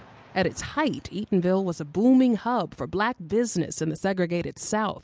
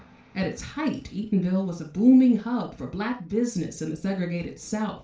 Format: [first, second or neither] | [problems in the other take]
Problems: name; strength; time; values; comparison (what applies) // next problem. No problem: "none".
first | room echo; dies away in 0.3 s